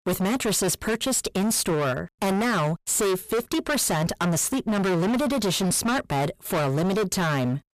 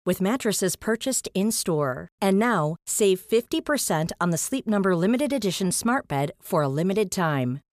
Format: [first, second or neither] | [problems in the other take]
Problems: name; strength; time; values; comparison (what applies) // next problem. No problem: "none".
second | distortion; heavy; 33% of the sound clipped